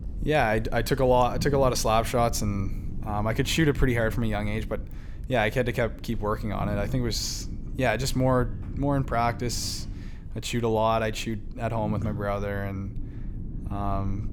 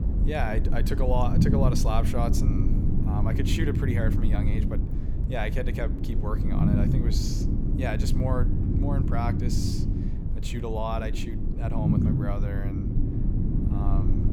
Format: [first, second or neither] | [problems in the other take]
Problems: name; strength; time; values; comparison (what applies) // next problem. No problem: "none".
first | low rumble; loud; throughout; 3 dB below the speech; faint in the first